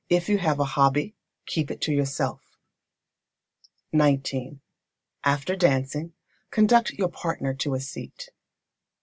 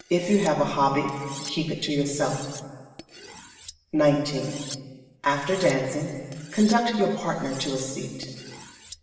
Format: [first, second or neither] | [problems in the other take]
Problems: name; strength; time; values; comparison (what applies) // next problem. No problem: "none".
first | background sound (Cutlery, silverware); 18 dB below the speech // room echo; dies away in 1.6 s